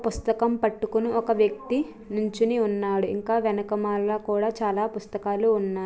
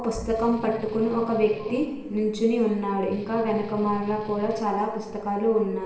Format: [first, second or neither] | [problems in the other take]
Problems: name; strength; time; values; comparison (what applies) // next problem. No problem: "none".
first | background sound (Strum); 18 dB below the speech // room echo; dies away in 1.1 s